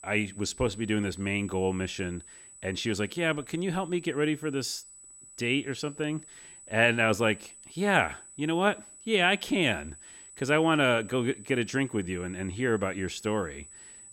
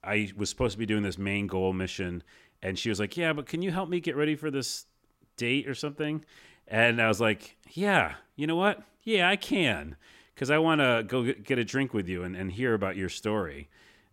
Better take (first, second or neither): second